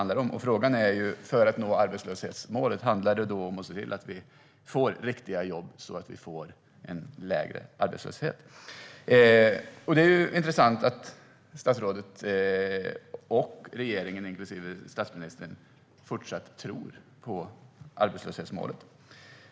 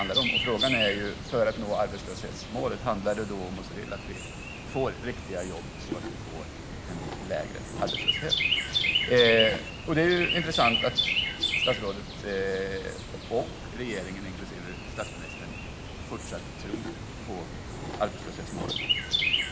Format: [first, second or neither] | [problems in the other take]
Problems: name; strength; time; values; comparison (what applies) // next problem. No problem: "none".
first | background sound (Chirp, tweet); 1 dB below the speech